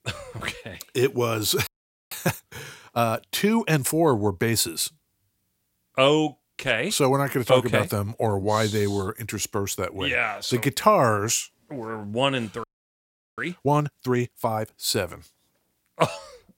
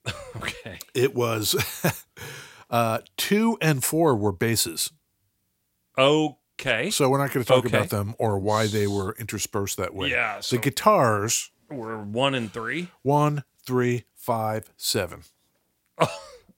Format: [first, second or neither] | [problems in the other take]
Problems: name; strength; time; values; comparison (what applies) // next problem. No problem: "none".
second | audio freezing; at 1.5 s and at 13 s for 0.5 s